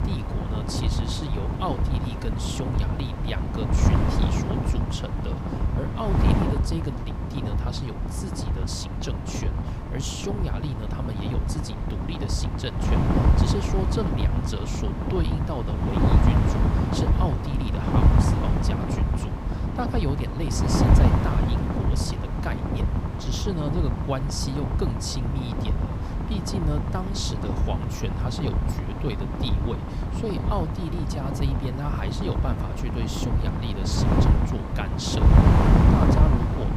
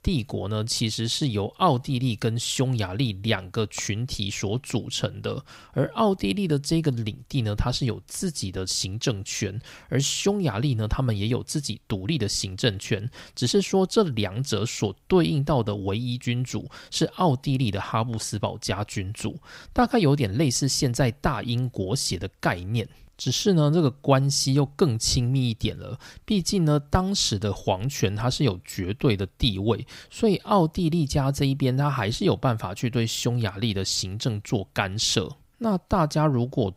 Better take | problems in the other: second | wind noise on the microphone; heavy; 2 dB above the speech

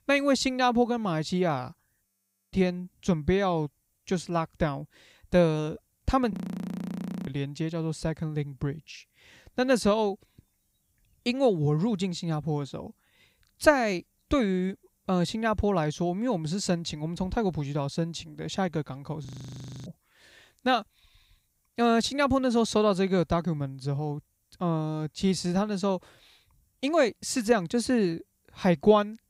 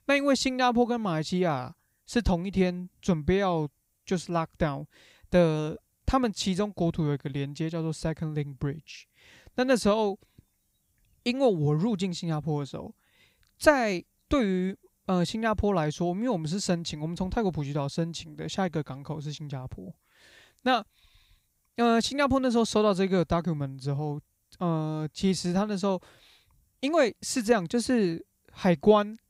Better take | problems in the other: second | audio freezing; at 2 s, at 6.5 s for 1 s and at 19 s for 0.5 s

